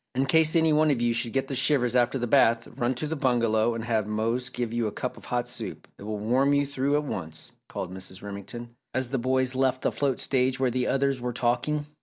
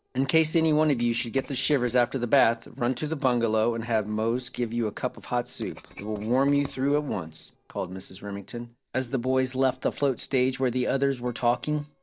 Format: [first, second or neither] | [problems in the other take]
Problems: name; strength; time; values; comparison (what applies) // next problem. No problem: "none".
first | noise reduction (neural separator model SepFormer DNS4)